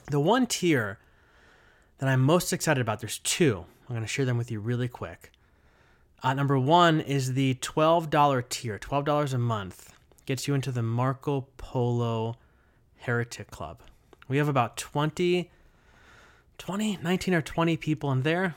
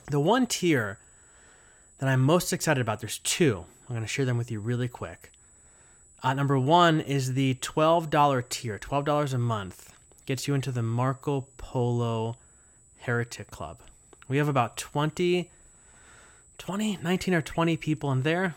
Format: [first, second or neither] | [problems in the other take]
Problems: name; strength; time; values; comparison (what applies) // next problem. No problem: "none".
first | high-pitched whine; faint; throughout; 8 kHz, 30 dB below the speech